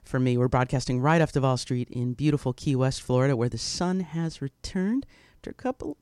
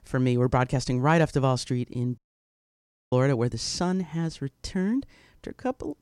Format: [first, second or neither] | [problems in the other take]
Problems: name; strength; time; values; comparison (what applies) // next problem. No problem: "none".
first | audio cutting out; at 2 s for 1 s